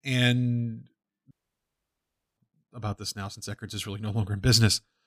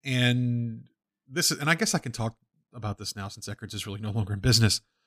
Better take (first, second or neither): second